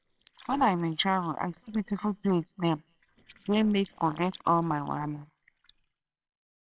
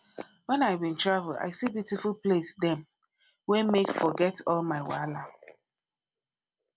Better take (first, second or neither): second